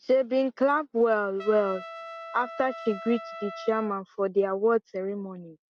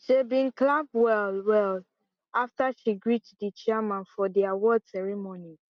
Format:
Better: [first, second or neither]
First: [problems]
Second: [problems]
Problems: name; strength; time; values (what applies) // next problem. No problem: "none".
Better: second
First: background sound (Trumpet); 16 dB below the speech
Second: none